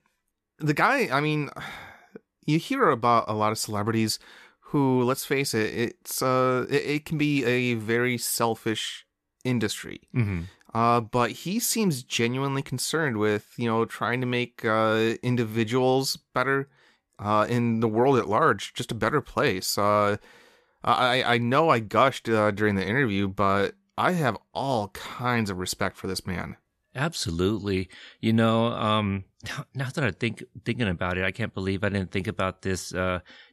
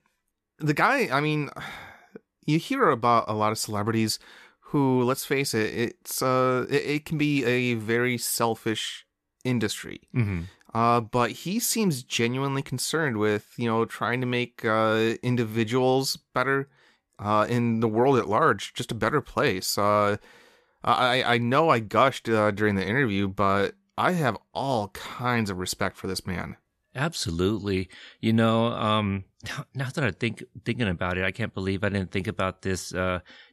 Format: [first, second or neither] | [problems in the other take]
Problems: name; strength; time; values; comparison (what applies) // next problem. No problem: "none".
neither | none